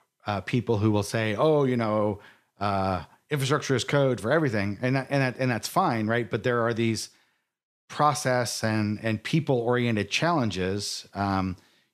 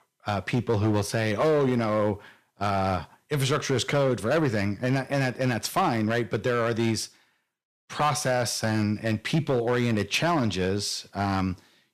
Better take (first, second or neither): first